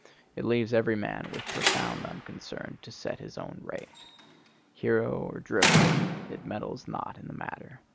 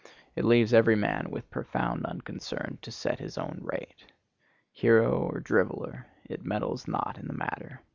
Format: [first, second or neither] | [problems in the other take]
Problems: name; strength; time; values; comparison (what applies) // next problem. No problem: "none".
second | background sound (Slam); 1 dB above the speech